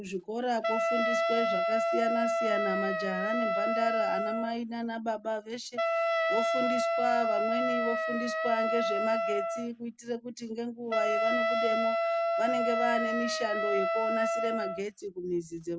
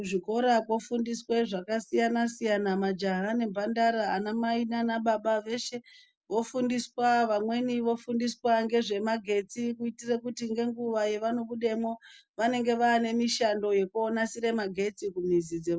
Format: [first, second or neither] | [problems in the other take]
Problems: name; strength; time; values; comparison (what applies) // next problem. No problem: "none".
second | background sound (Wind instrument, woodwind instrument); 4 dB above the speech